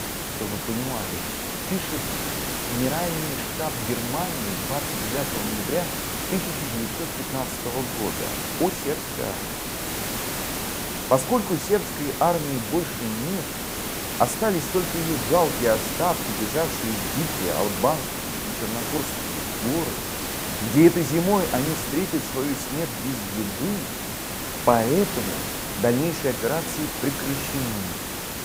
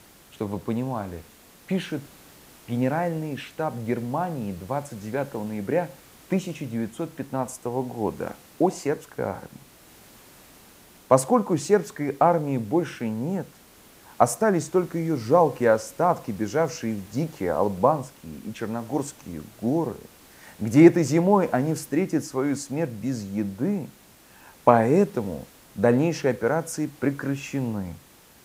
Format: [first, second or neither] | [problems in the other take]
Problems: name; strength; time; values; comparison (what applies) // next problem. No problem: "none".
second | hiss; loud; throughout; 2 dB below the speech; faint in the second